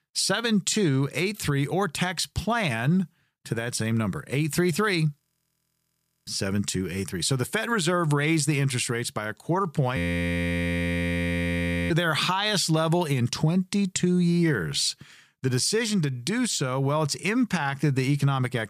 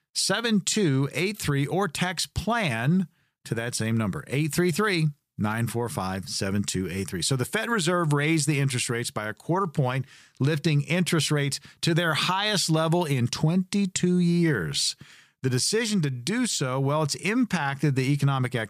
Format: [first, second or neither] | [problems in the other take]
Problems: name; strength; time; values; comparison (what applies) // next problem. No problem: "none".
second | audio freezing; at 5 s for 1 s and at 10 s for 2 s